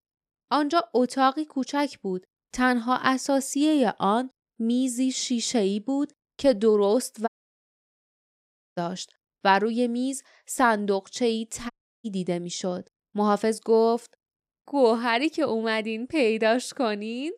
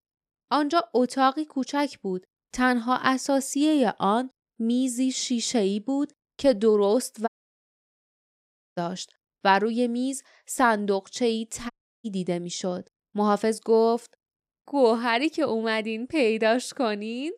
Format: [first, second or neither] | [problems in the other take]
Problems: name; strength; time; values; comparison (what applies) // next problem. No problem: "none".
neither | audio cutting out; at 7.5 s for 1.5 s and at 12 s; the same in both